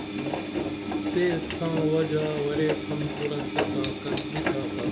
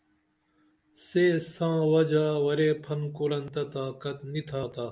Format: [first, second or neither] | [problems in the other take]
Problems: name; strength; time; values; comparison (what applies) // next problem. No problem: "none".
second | background sound (Engine); as loud as the speech